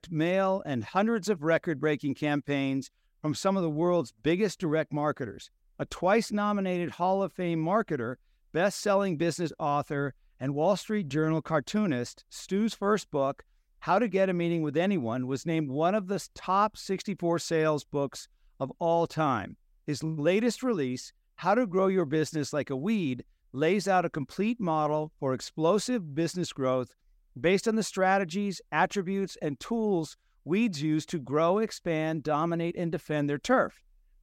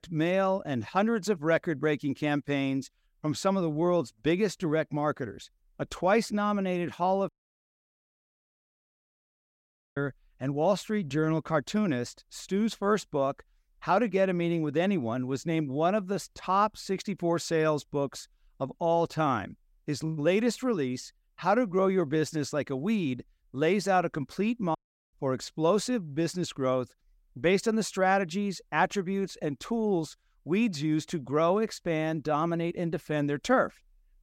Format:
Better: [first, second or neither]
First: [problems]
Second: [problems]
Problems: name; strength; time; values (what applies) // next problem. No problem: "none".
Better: first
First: none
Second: audio cutting out; at 7.5 s for 2.5 s and at 25 s